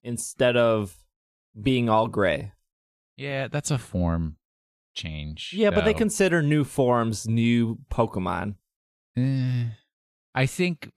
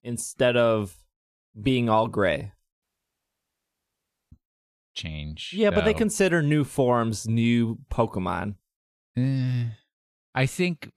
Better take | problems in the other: first | audio cutting out; at 3 s for 1.5 s

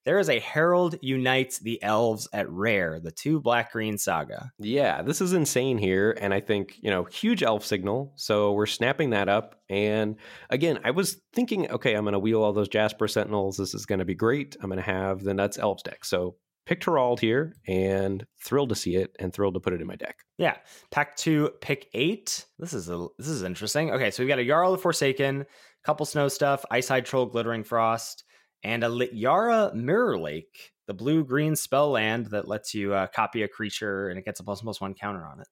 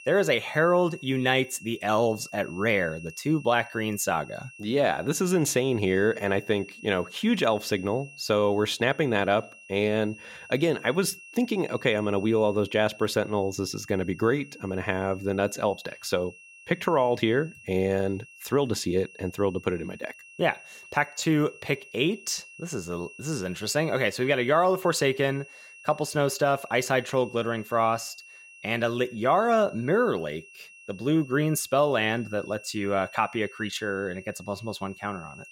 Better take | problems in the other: first | high-pitched whine; noticeable; throughout; 2.5 kHz, 20 dB below the speech

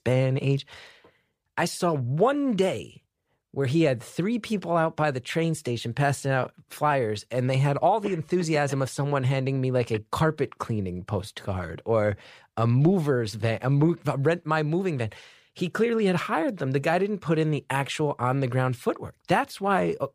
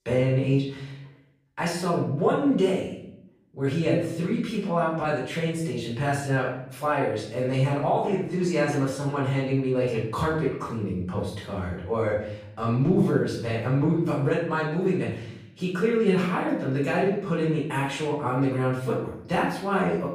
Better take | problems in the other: first | room echo; noticeable; dies away in 0.6 s // off-mic speech; far

